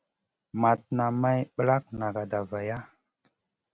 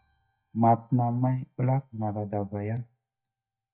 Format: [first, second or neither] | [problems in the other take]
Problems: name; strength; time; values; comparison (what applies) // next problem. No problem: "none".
first | noise reduction (neural mask model DeepFilterNet 3)